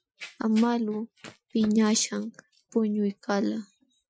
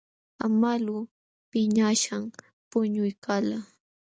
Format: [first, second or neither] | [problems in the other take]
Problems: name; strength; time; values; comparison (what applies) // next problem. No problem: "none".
second | noise reduction (classical method Wiener filter)